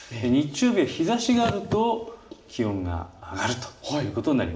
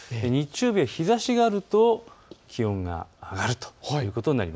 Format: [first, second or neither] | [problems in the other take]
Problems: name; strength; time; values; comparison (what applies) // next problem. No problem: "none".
second | background sound (Car); 12 dB below the speech // room echo; dies away in 1.1 s